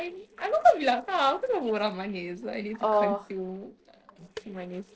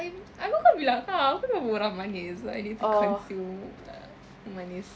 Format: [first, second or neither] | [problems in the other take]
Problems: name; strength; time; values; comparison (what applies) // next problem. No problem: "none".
second | noise reduction (neural separator model SepFormer DNS4)